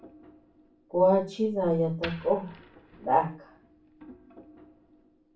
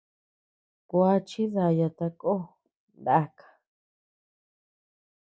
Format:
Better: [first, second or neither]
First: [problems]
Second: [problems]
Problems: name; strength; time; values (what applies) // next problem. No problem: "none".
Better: second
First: background sound (Wood); 19 dB below the speech // room echo; dies away in 0.3 s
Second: none